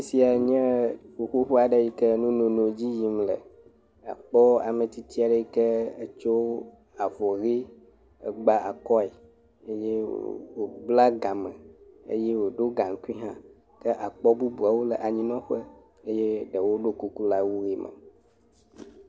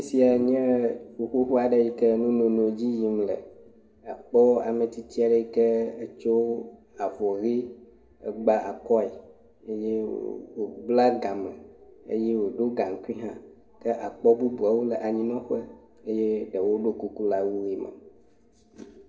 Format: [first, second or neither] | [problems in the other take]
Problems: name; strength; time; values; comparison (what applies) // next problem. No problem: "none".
first | room echo; dies away in 0.5 s